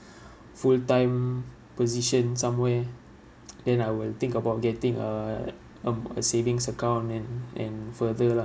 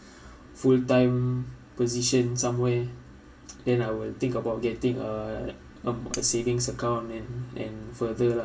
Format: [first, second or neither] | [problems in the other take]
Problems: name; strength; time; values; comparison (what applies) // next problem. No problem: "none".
first | background sound (Cutlery, silverware); 12 dB below the speech // room echo; dies away in 0.2 s